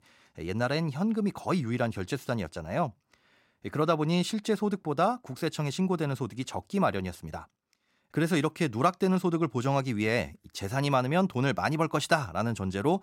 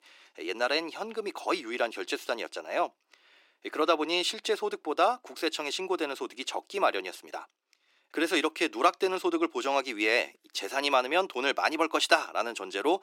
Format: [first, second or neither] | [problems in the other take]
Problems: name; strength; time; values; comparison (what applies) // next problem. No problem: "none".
first | thin; very; fading below 300 Hz